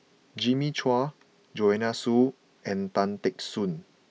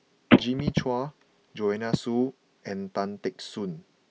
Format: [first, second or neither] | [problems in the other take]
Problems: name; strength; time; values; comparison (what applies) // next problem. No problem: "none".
first | background sound (Telephone); 5 dB above the speech